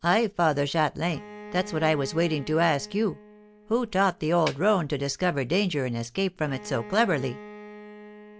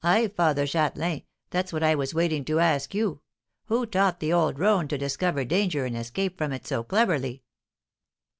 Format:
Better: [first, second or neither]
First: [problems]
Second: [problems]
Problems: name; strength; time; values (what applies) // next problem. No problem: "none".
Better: second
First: background sound (Snare drum + Bowed string instrument); 18 dB below the speech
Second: none